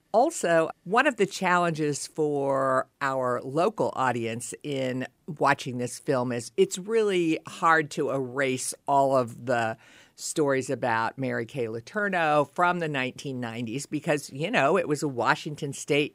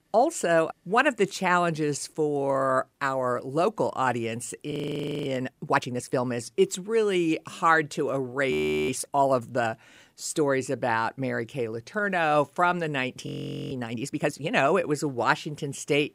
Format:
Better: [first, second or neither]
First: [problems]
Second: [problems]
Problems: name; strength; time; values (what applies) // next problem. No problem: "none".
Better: first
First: none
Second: audio freezing; at 4.5 s for 0.5 s, at 8.5 s and at 13 s